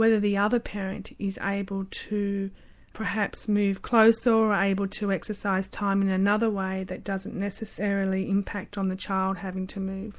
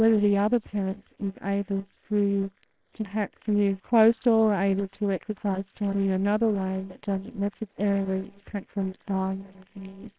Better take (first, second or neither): first